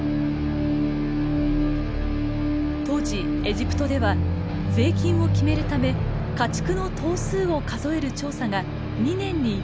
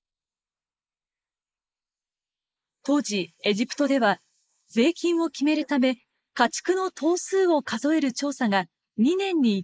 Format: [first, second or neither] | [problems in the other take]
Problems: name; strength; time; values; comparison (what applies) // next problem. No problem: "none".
first | noise reduction (neural mask model Resemble Enhance denoiser)